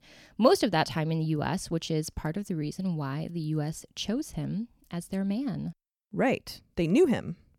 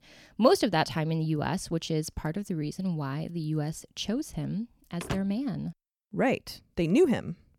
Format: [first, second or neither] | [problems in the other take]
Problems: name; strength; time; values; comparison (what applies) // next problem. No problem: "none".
first | door banging; noticeable; at 5 s; peak 8 dB below the speech